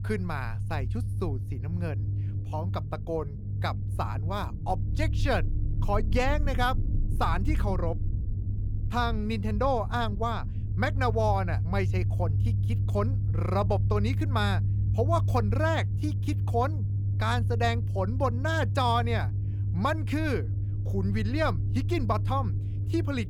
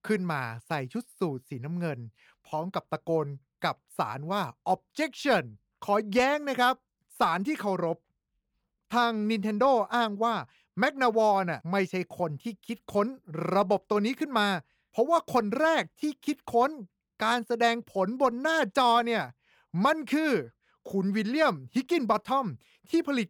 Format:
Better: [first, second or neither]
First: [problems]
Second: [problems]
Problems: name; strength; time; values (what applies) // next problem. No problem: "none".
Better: second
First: low rumble; noticeable; throughout; 15 dB below the speech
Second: none